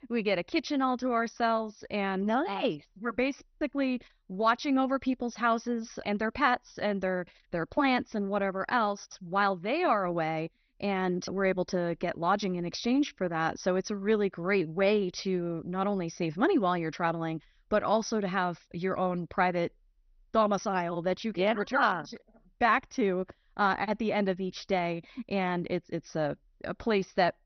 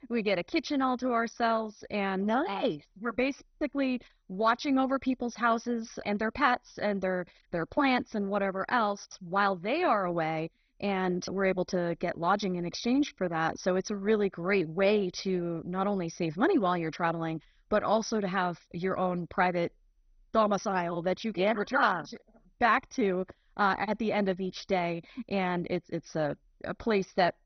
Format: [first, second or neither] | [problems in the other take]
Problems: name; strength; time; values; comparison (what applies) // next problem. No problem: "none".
first | garbled, watery; badly; nothing above 6 kHz; slightly in the first